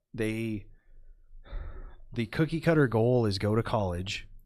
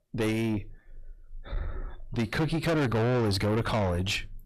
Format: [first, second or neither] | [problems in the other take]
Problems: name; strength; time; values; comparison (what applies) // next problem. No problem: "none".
first | distortion; heavy; 6 dB below the speech